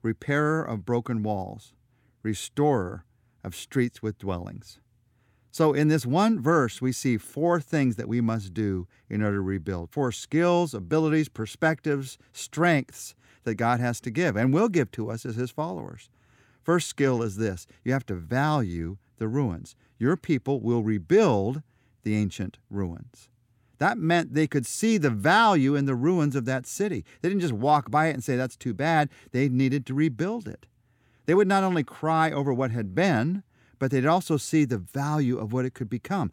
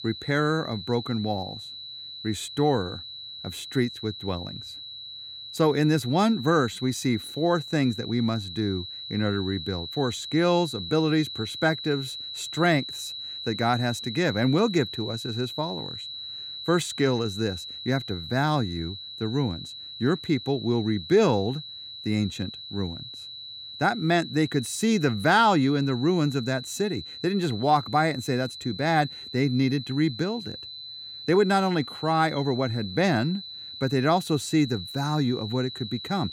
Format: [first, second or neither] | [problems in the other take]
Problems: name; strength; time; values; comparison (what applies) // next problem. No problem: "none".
first | high-pitched whine; noticeable; throughout; 4 kHz, 10 dB below the speech